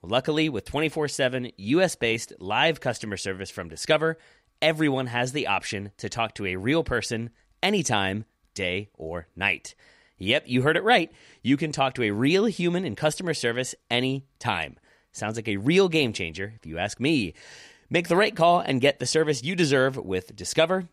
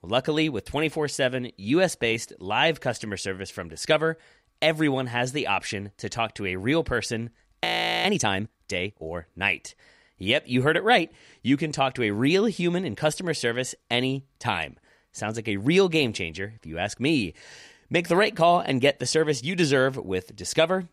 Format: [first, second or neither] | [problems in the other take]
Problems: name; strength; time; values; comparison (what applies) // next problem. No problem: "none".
first | audio freezing; at 7.5 s